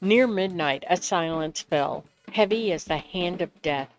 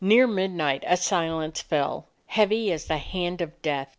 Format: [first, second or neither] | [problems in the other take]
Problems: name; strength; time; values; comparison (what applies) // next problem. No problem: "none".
second | noise reduction (neural mask model RNNoise)